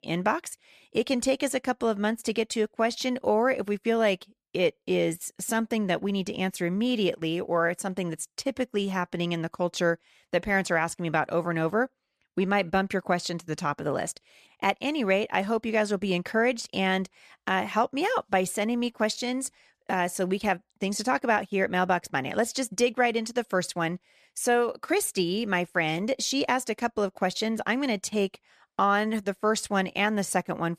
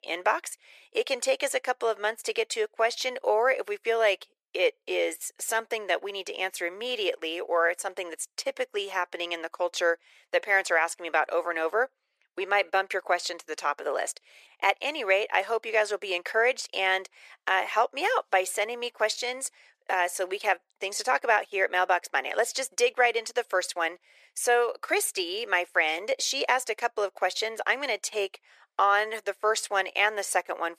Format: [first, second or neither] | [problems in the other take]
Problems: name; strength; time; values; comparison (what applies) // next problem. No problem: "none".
first | thin; very; fading below 400 Hz